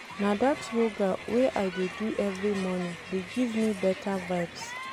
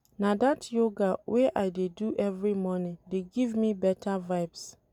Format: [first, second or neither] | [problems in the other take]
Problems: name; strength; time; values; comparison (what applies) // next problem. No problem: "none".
second | background sound (Crowd); 11 dB below the speech